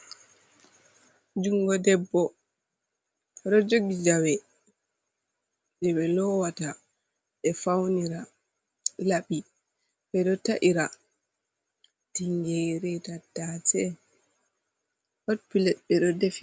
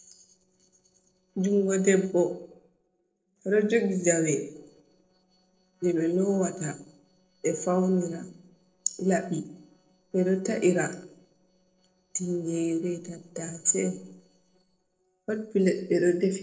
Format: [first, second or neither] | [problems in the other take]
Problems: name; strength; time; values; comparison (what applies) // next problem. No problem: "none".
first | noise reduction (neural separator model SepFormer DNS4)